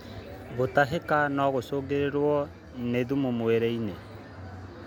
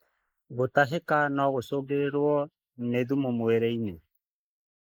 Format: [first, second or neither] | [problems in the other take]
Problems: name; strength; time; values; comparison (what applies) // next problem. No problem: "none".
first | noise reduction (neural mask model Resemble Enhance denoiser)